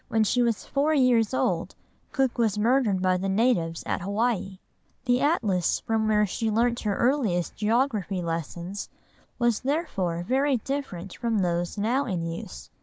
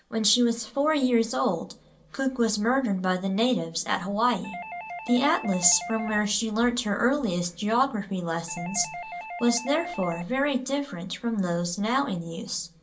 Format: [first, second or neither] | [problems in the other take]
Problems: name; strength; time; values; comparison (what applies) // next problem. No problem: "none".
first | background sound (Doorbell); 12 dB below the speech // room echo; dies away in 0.2 s